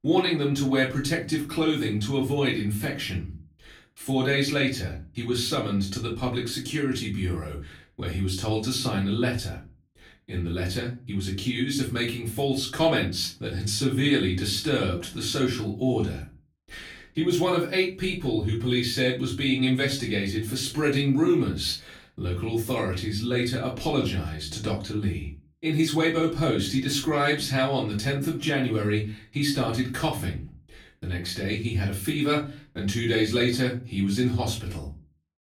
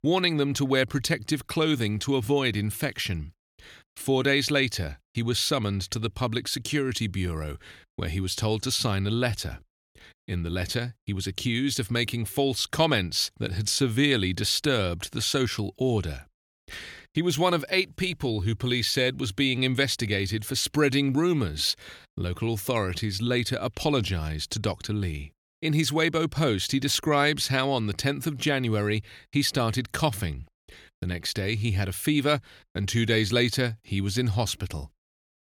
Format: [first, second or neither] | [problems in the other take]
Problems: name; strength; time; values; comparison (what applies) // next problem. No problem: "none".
second | off-mic speech; far // room echo; slight; dies away in 0.3 s